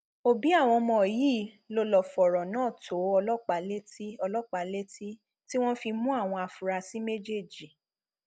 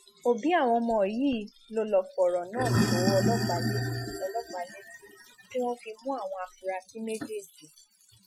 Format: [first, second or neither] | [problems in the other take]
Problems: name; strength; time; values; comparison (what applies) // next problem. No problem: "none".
first | noise reduction (classical method Wiener filter)